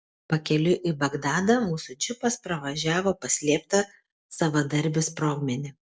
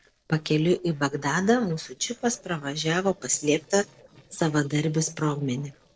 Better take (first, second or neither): first